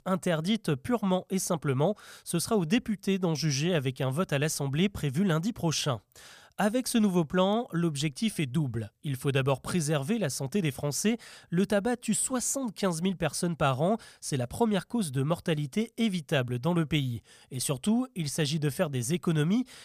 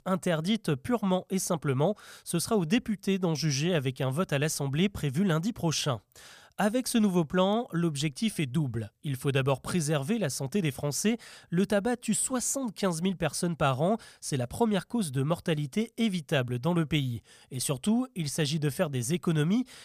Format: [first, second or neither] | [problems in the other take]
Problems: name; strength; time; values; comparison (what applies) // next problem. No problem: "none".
neither | none